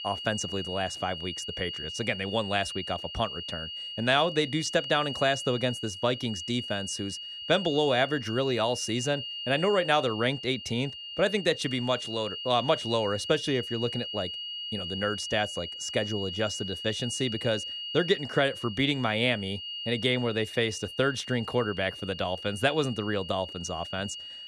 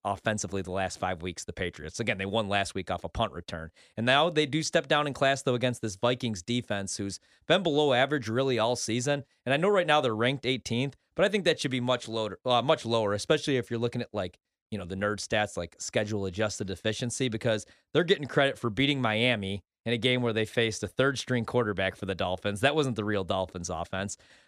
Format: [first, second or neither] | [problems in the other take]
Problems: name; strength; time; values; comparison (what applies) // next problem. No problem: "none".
second | high-pitched whine; loud; throughout; 3 kHz, 7 dB below the speech